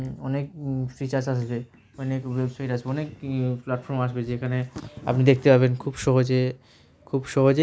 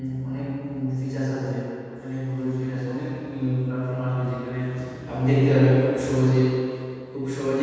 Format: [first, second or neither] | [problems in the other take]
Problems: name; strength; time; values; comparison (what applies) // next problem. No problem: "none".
first | room echo; dies away in 2.1 s